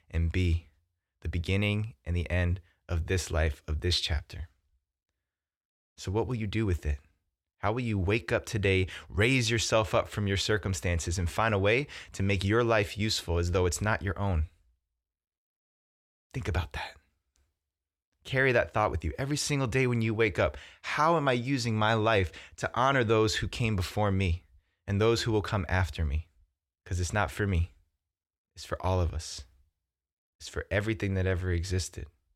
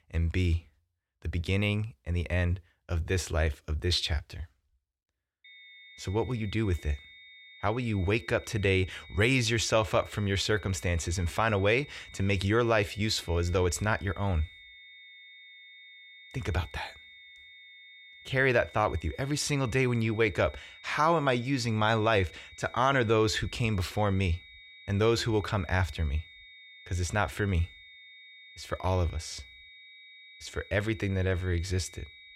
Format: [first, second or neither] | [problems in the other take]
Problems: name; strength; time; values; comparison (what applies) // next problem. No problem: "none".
first | high-pitched whine; noticeable; from 5.5 s on; 2.5 kHz, 20 dB below the speech